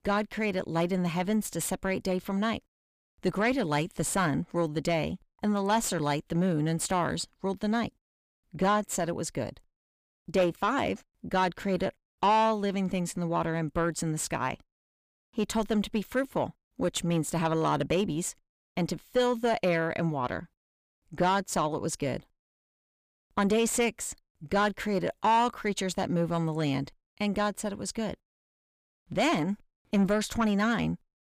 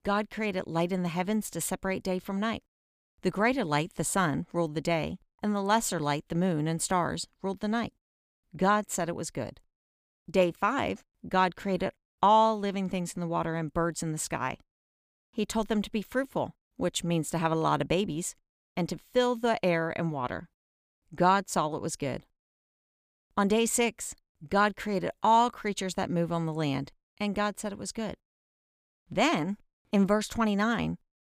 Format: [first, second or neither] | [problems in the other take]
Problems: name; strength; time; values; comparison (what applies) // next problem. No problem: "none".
second | distortion; slight; 10 dB below the speech